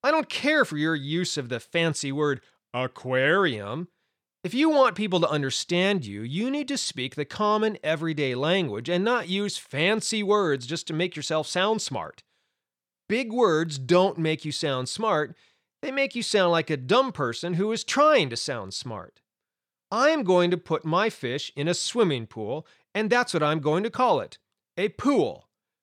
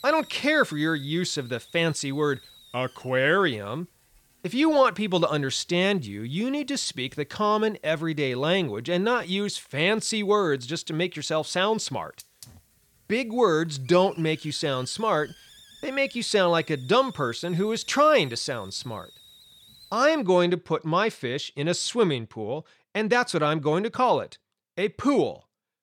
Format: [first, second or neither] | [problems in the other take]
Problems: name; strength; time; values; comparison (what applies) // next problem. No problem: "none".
first | hiss; faint; until 20 s; 25 dB below the speech